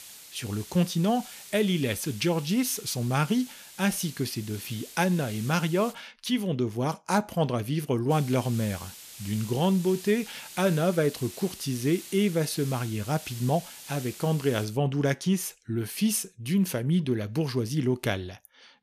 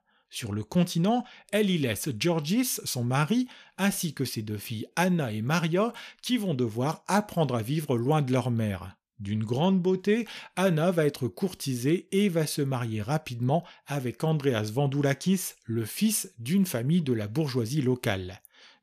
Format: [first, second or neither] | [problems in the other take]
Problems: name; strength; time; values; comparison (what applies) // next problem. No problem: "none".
second | hiss; noticeable; until 6 s and from 8 to 15 s; 15 dB below the speech